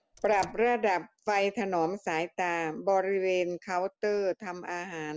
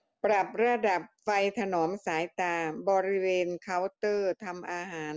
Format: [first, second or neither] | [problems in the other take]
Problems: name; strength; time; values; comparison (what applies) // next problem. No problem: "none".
second | background sound (Car); 17 dB below the speech